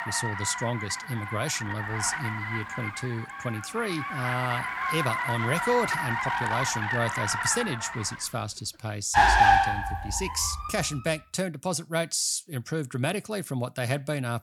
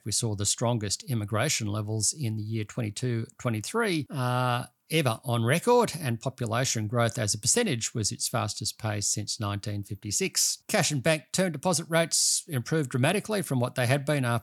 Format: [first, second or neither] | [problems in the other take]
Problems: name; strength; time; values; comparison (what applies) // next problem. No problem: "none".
second | traffic noise; very loud; until 11 s; 2 dB above the speech